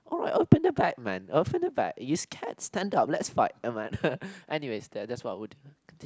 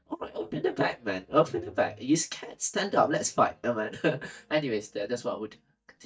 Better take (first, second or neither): first